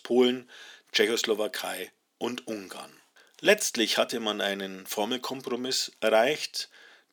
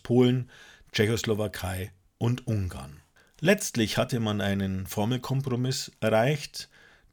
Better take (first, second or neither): second